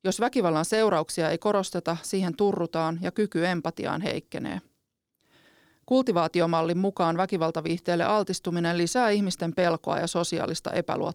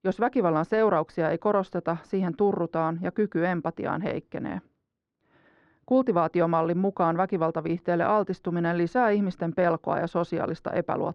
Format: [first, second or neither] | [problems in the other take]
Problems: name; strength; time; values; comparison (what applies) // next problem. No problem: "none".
first | muffled; very; fading above 1.5 kHz